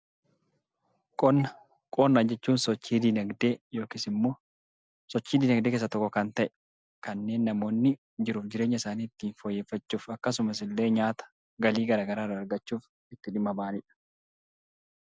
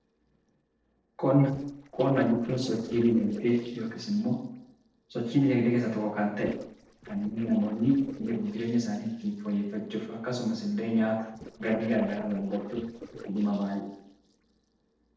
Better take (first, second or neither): first